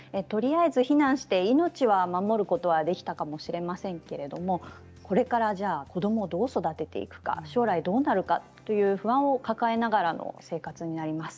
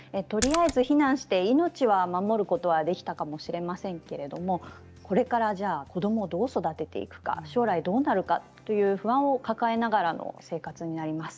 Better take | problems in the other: first | background sound (Splash, splatter); 8 dB below the speech

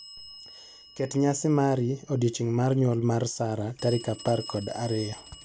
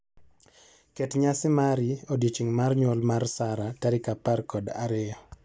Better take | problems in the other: second | background sound (Telephone); 19 dB below the speech

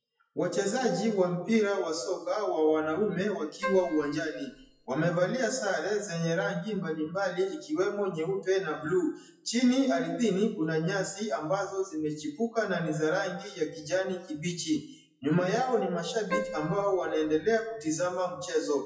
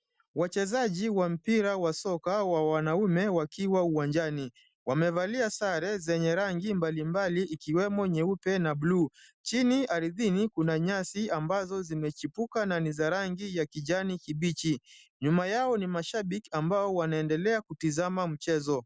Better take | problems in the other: second | noise reduction (classical method WPE with log-MMSE)

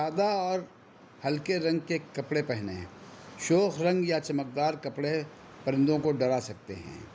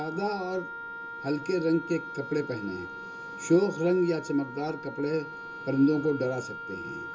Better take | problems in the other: first | background sound (Wind instrument, woodwind instrument); 11 dB below the speech // room echo; dies away in 0.2 s

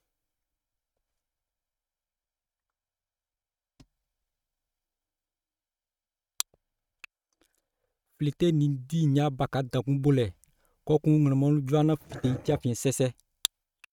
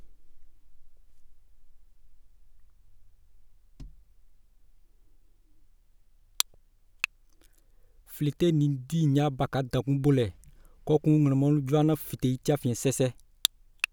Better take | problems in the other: second | noise reduction (neural mask model RNNoise)

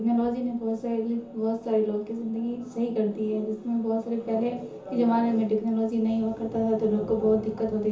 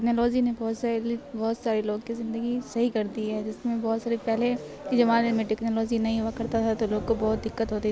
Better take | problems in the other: second | room echo; dies away in 0.6 s

